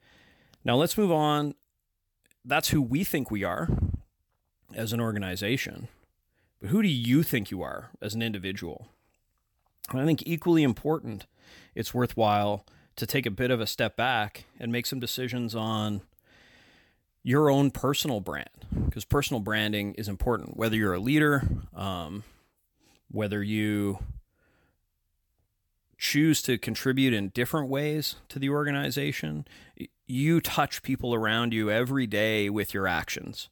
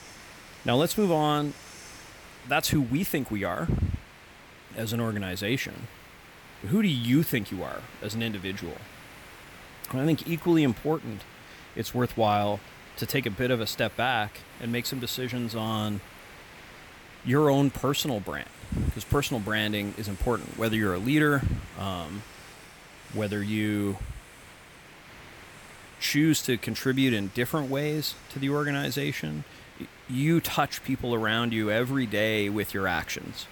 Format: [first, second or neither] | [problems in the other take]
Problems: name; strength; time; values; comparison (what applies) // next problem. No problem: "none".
first | hiss; noticeable; throughout; 20 dB below the speech